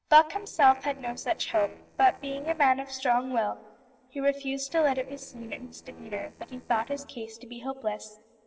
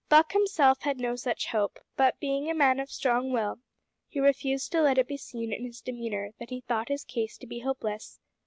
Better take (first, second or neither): second